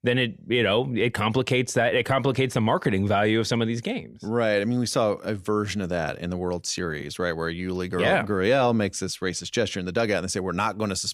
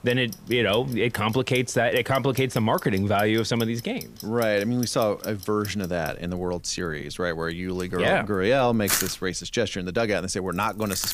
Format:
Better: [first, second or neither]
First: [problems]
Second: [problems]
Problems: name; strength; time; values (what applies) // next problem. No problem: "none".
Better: first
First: none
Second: household noises; noticeable; throughout; 10 dB below the speech